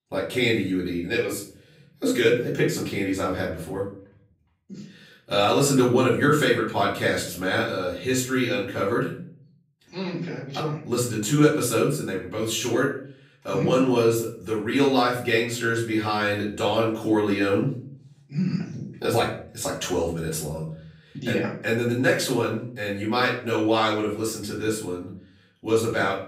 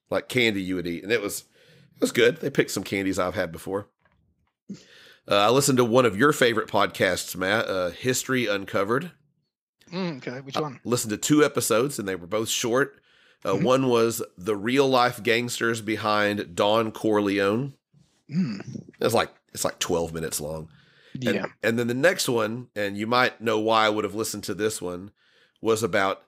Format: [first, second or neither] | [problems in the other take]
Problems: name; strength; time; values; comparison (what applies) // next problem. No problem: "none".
second | off-mic speech; far // room echo; slight; dies away in 0.5 s